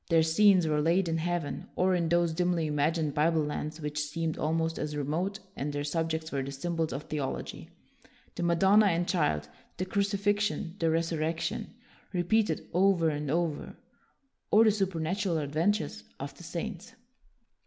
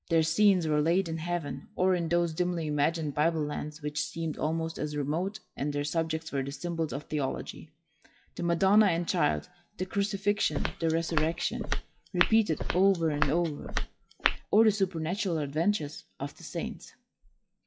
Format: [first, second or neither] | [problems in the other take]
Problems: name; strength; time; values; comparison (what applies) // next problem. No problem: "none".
first | noise reduction (classical method WPE with log-MMSE)